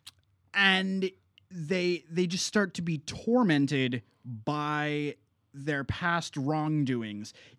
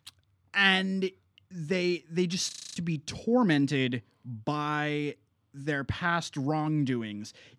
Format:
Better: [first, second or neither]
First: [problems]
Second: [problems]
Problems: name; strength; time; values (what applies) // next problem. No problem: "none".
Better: first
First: none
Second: audio freezing; at 2.5 s